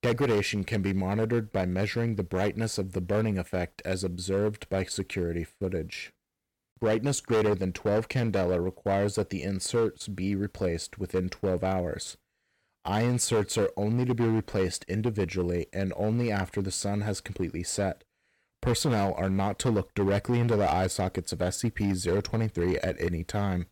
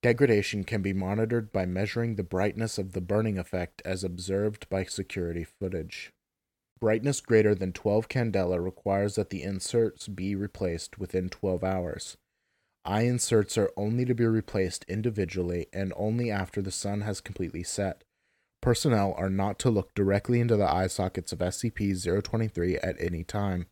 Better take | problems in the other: second | distortion; slight; 7% of the sound clipped

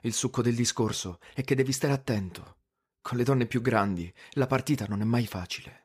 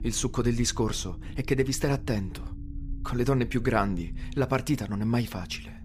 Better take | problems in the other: first | low rumble; faint; throughout; 20 dB below the speech

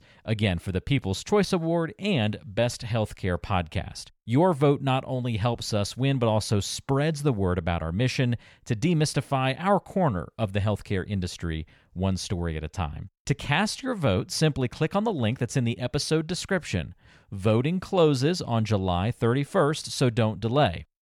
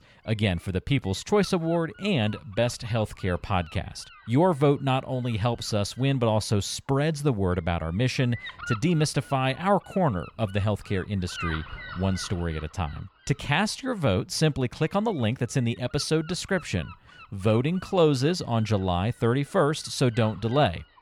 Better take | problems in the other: first | wind noise on the microphone; occasional gusts; 15 dB below the speech

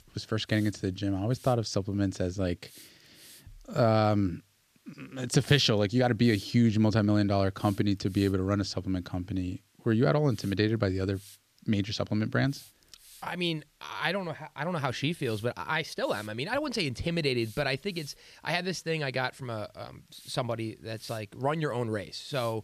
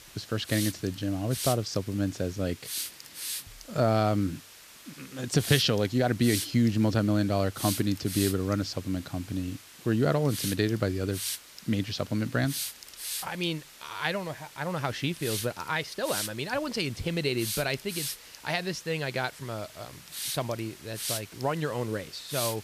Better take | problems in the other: first | hiss; loud; throughout; 7 dB below the speech; faint in the first

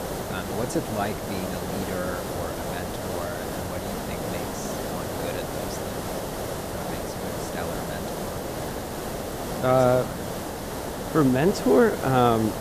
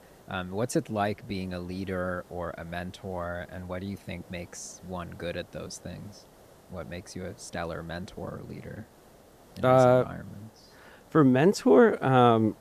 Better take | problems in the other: second | hiss; loud; throughout; 5 dB below the speech; faint in the second

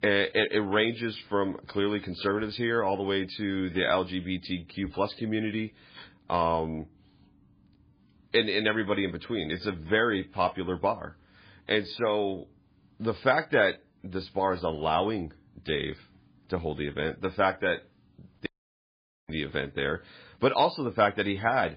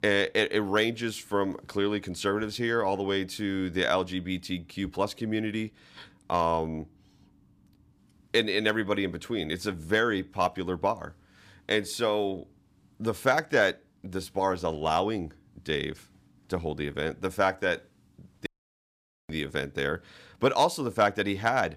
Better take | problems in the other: second | garbled, watery; badly

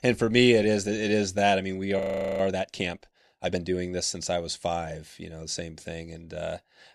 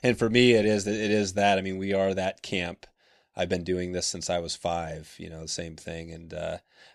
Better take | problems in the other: second | audio freezing; at 2 s

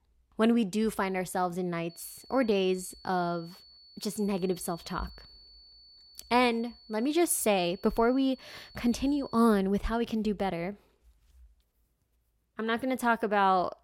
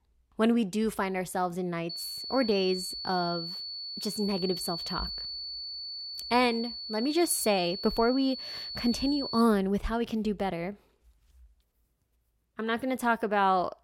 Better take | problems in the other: first | high-pitched whine; loud; from 2 to 9.5 s; 4.5 kHz, 6 dB below the speech; faint in the first

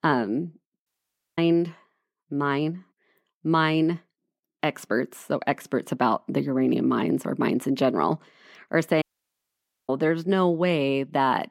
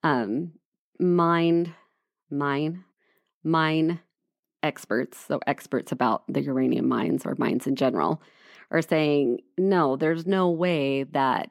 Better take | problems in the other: second | audio cutting out; at 1 s for 0.5 s and at 9 s for 1 s

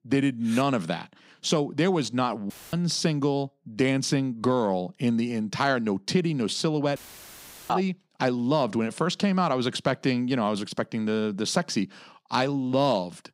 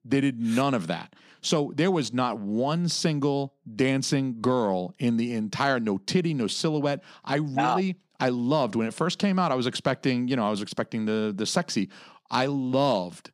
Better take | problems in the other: second | audio cutting out; filled with static; at 2.5 s and at 7 s for 0.5 s

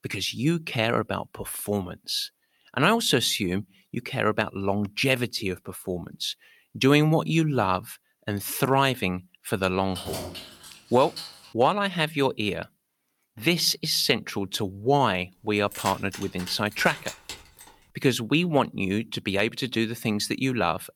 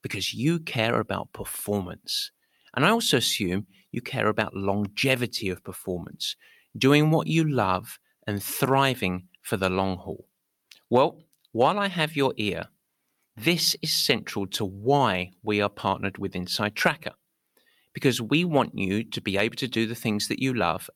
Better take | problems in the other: second | jangling keys; noticeable; from 10 to 11 s and from 16 to 18 s; peak 9 dB below the speech

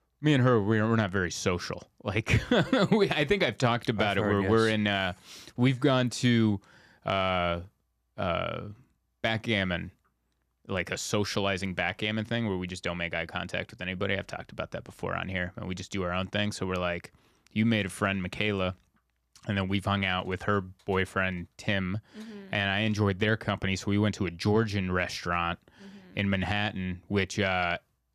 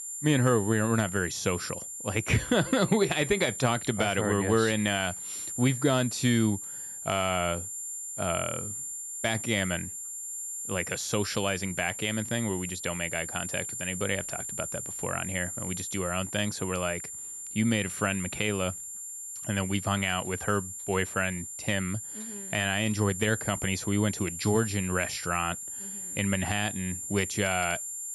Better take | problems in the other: first | high-pitched whine; loud; throughout; 7.5 kHz, 6 dB below the speech

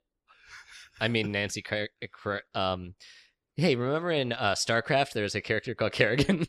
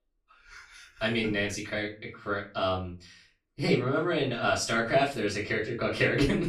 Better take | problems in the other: first | off-mic speech; far // room echo; slight; dies away in 0.3 s

